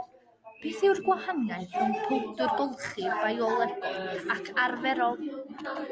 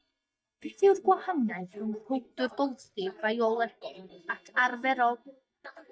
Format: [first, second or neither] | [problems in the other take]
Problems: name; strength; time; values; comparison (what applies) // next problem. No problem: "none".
first | noise reduction (neural mask model DeepFilterNet 3)